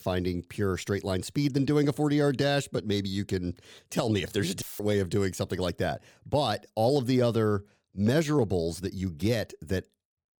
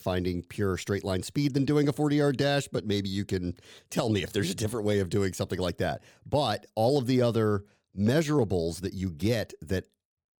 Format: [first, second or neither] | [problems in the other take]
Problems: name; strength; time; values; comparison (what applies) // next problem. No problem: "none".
second | audio cutting out; filled with static; at 4.5 s